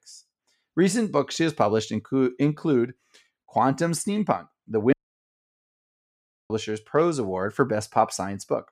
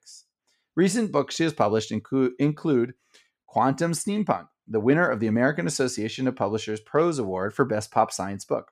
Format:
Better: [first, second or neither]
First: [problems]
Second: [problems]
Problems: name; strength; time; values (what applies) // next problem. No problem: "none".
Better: second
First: audio cutting out; at 5 s for 1.5 s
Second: none